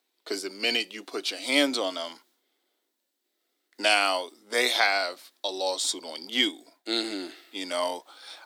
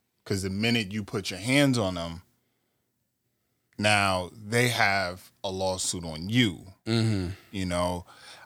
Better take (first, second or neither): second